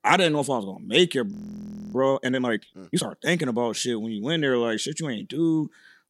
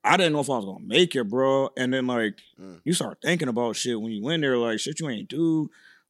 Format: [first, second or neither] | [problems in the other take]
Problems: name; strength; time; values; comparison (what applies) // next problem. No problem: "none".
second | audio freezing; at 1.5 s for 0.5 s